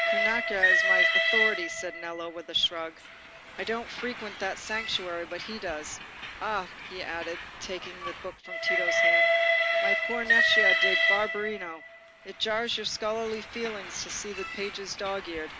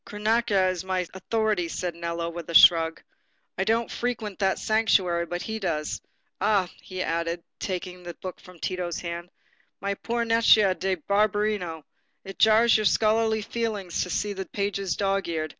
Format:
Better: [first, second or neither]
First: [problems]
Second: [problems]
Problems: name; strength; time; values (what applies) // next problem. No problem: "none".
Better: second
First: background sound (Train); 5 dB above the speech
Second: none